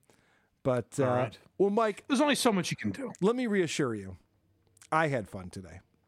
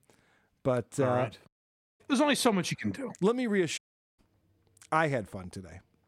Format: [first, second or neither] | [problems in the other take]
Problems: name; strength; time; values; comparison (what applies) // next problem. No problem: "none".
first | audio cutting out; at 1.5 s for 0.5 s and at 4 s